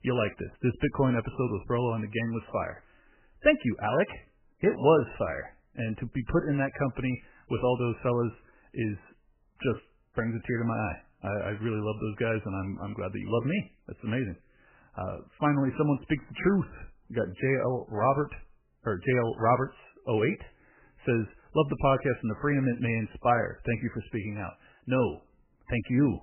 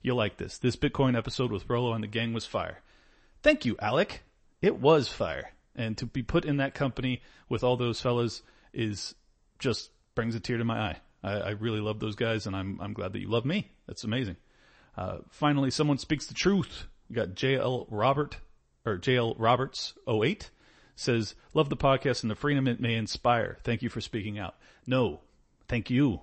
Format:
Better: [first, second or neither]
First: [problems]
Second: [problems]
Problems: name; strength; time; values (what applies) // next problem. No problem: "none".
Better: second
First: garbled, watery; badly; nothing above 3 kHz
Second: garbled, watery; slightly; nothing above 8 kHz